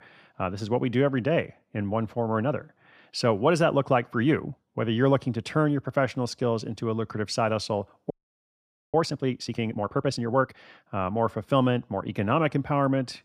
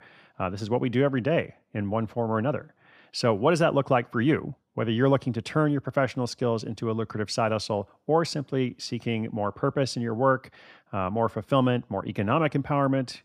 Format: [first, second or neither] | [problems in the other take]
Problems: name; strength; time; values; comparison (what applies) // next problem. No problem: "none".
second | audio freezing; at 8 s for 1 s